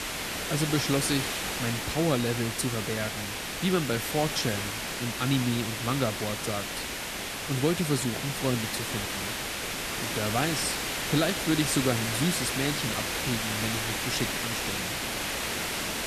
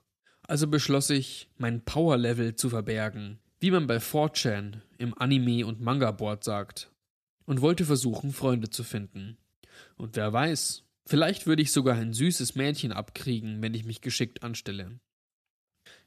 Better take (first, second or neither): second